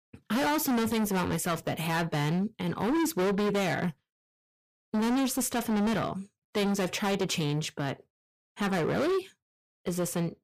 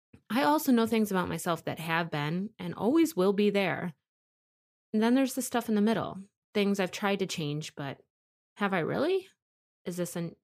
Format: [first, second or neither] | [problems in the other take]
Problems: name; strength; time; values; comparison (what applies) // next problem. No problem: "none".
second | distortion; heavy; 21% of the sound clipped